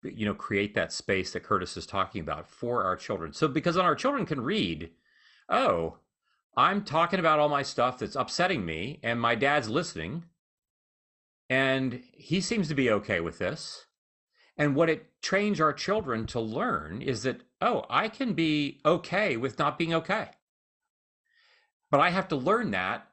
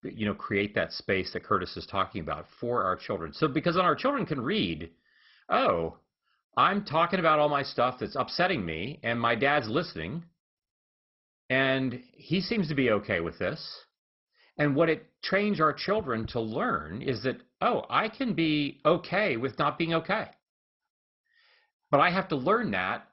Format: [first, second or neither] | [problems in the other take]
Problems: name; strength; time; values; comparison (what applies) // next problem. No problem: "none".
first | garbled, watery; badly; nothing above 5.5 kHz; slightly in the first